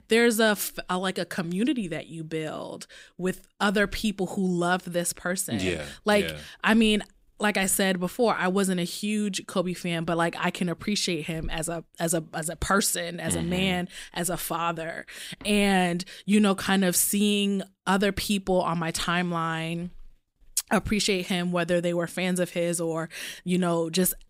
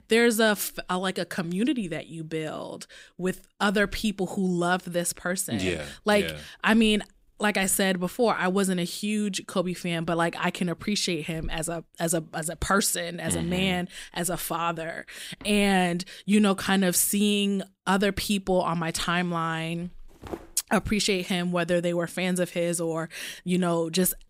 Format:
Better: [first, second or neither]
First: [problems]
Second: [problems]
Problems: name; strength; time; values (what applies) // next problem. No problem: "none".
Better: first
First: none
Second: footsteps; faint; at 20 s; peak 15 dB below the speech